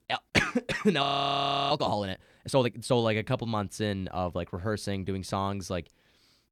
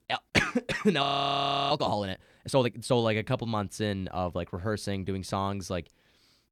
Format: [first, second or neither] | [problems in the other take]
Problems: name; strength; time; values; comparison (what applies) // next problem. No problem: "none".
neither | audio freezing; at 1 s for 0.5 s; the same in both